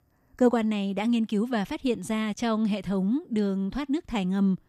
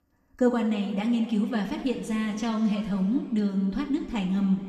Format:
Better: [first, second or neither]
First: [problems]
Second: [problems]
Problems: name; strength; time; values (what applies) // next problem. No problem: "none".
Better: first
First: none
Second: room echo; noticeable; dies away in 2 s // off-mic speech; somewhat distant